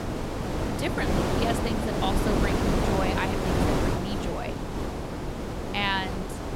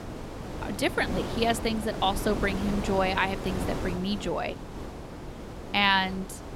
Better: second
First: wind noise on the microphone; heavy; 1 dB above the speech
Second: wind noise on the microphone; occasional gusts; 10 dB below the speech

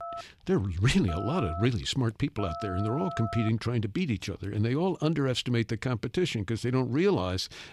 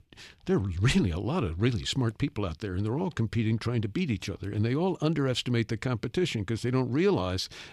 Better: second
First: phone ringing; noticeable; until 3.5 s; peak 8 dB below the speech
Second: none

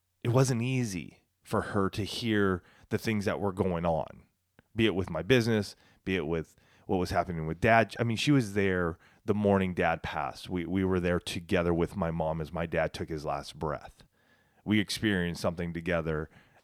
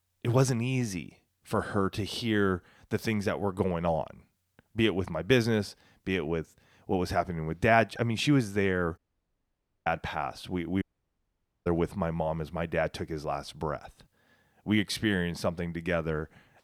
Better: first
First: none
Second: audio cutting out; at 9 s for 1 s and at 11 s for 1 s

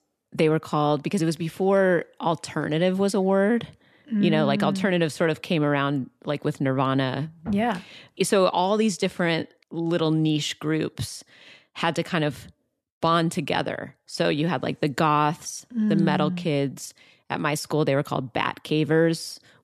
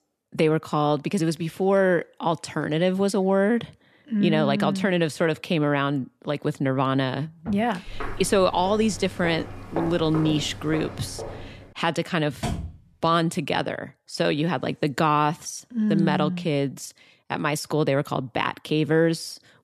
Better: first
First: none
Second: footsteps; noticeable; from 8 to 12 s; peak 8 dB below the speech // door banging; noticeable; at 12 s; peak 7 dB below the speech

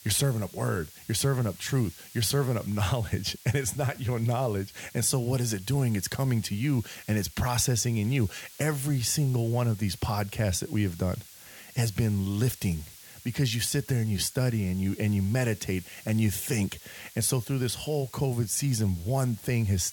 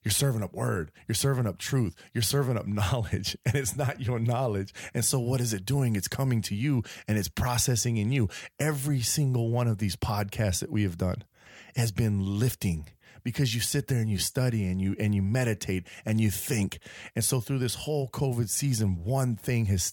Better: second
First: hiss; noticeable; throughout; 20 dB below the speech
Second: none

